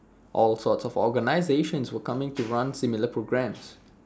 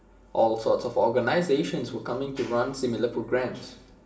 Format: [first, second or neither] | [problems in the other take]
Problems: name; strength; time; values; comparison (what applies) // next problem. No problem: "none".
first | room echo; dies away in 0.6 s